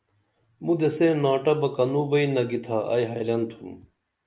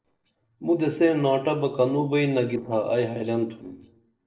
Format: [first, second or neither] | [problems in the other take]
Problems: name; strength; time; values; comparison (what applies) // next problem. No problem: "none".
first | noise reduction (neural separator model SepFormer DNS4)